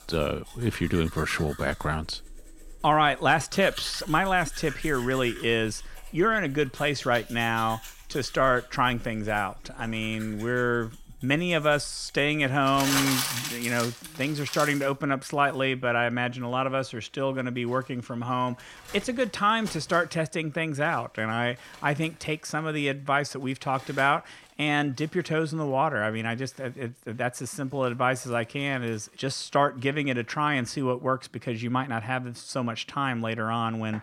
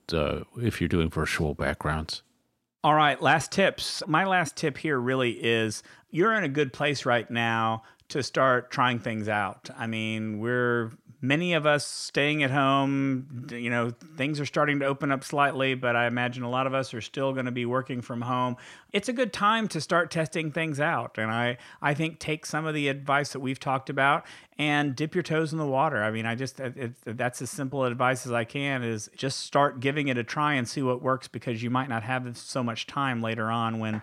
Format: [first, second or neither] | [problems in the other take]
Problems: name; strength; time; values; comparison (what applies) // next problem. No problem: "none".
second | household noises; loud; throughout; 10 dB below the speech